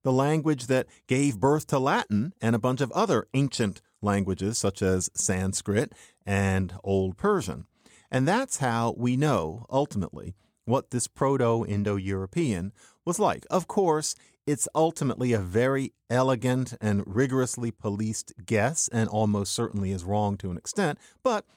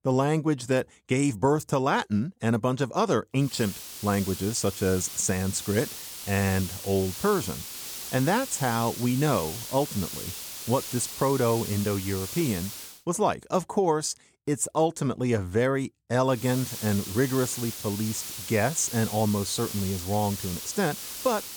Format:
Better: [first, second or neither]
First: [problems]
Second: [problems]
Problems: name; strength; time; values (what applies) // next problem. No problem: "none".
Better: first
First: none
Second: hiss; loud; from 3.5 to 13 s and from 16 s on; 8 dB below the speech